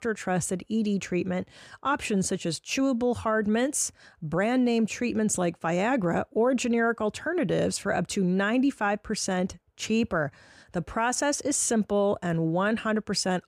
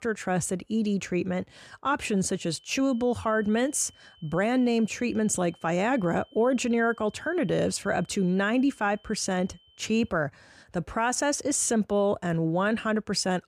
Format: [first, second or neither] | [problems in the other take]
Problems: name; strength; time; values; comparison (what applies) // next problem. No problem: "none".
first | high-pitched whine; faint; from 2.5 to 10 s; 3 kHz, 30 dB below the speech